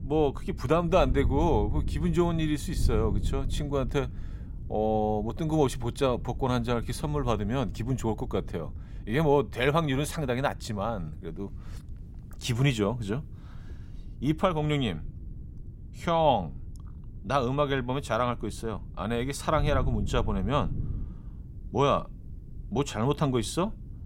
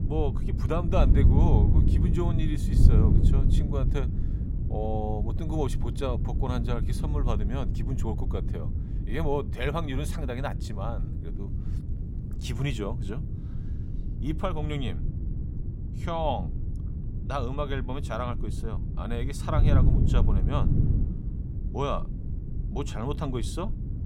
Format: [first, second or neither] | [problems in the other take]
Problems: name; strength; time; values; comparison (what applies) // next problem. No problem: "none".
first | wind noise on the microphone; heavy; 7 dB below the speech; occasional gusts in the first